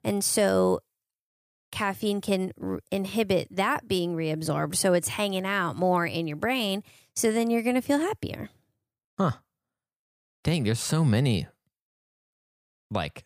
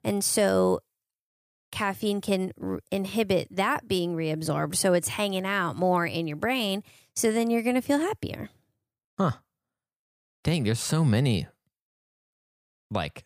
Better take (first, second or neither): neither